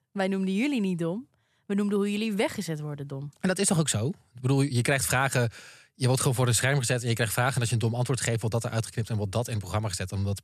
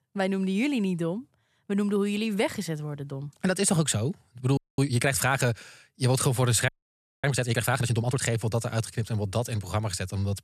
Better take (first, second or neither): first